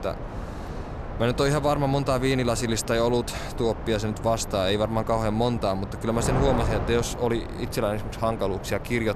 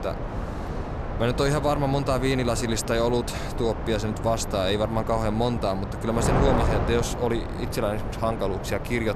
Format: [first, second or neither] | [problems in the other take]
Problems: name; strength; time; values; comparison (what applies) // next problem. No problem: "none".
first | wind noise on the microphone; heavy; 6 dB below the speech; occasional gusts in the first